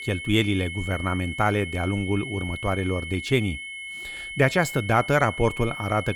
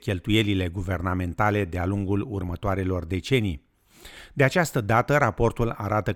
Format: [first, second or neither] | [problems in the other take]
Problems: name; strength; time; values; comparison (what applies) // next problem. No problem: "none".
second | high-pitched whine; loud; throughout; 2 kHz, 9 dB below the speech